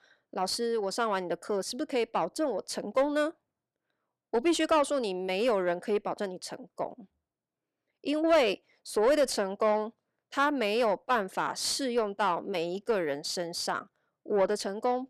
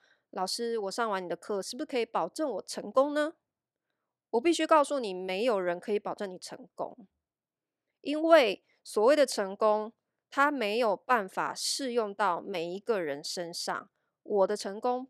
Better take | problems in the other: second | distortion; slight; 10 dB below the speech

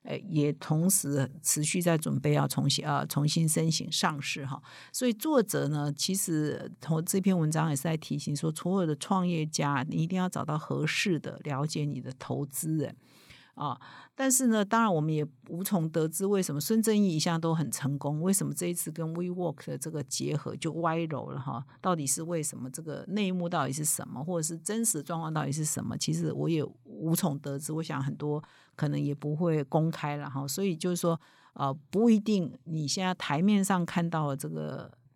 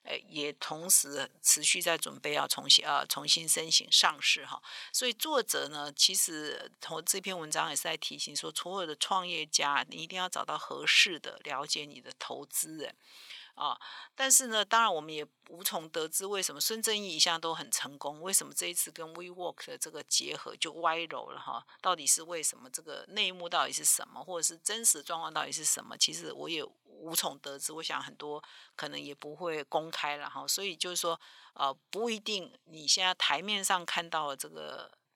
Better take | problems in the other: first | thin; very; fading below 650 Hz

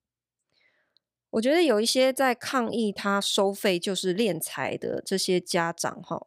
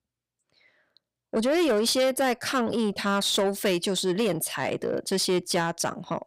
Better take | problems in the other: first | distortion; slight; 10 dB below the speech

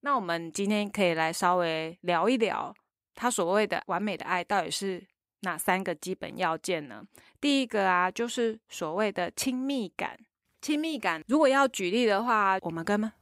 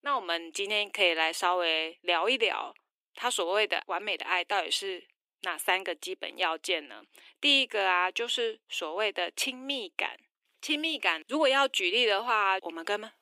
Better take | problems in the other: first | thin; somewhat; fading below 300 Hz

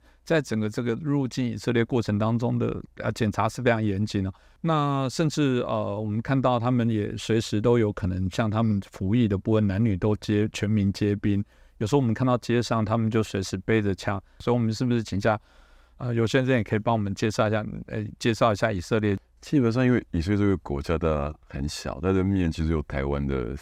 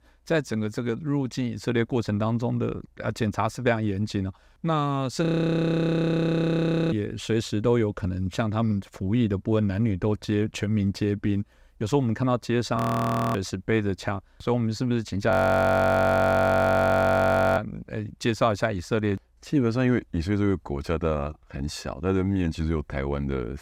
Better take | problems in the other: first | audio freezing; at 5.5 s for 1.5 s, at 13 s for 0.5 s and at 15 s for 2.5 s

